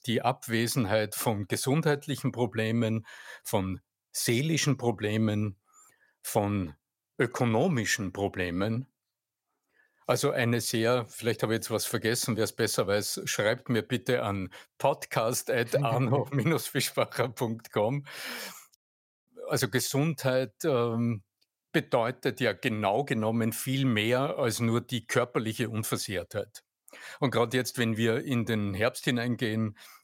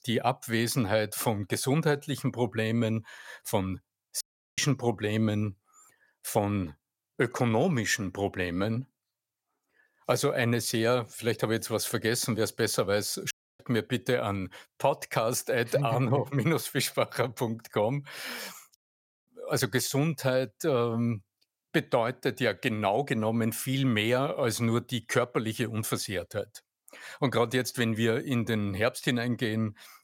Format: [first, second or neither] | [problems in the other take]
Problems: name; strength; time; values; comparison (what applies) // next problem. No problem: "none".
first | audio cutting out; at 4 s and at 13 s